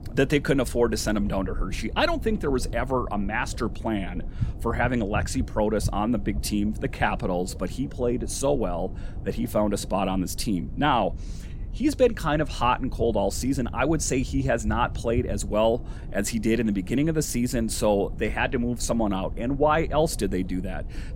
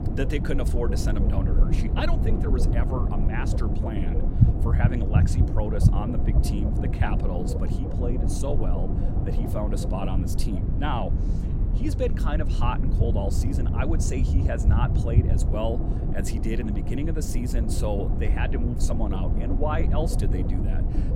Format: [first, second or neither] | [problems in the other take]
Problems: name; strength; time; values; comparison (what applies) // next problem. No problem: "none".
first | low rumble; loud; throughout; 3 dB below the speech; faint in the first